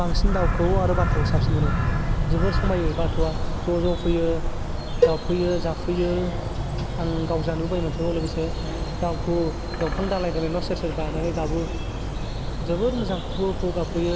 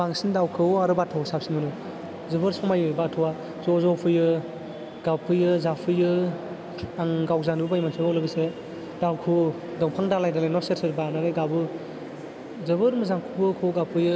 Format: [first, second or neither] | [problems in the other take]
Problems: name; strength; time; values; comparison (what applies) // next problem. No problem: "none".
second | background sound (Bird vocalization, bird call, bird song + Cowbell); 2 dB above the speech